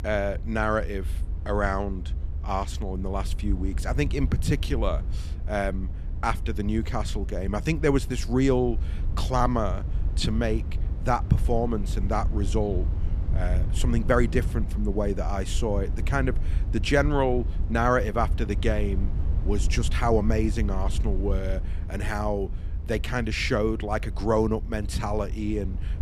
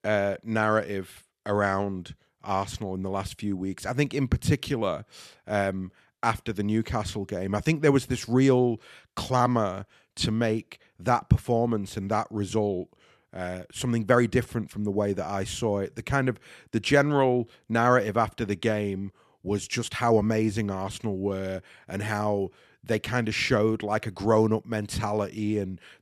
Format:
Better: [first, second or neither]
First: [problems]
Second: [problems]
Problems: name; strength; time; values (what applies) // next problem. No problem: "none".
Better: second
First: low rumble; noticeable; throughout; 20 dB below the speech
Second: none